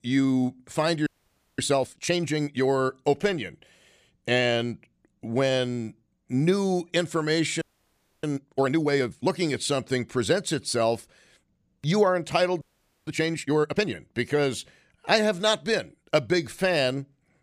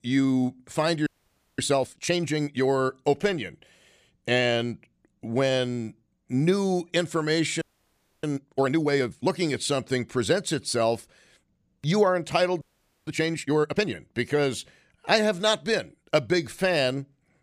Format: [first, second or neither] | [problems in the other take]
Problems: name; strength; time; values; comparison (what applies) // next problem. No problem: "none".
neither | audio freezing; at 1 s for 0.5 s, at 7.5 s for 0.5 s and at 13 s; the same in both